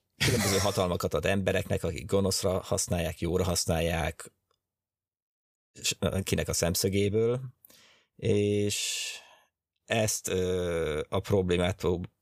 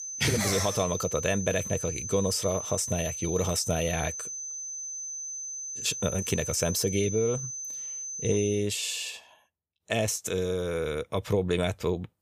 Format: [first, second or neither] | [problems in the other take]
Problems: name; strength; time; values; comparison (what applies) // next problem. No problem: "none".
first | high-pitched whine; loud; until 8.5 s; 6 kHz, 5 dB below the speech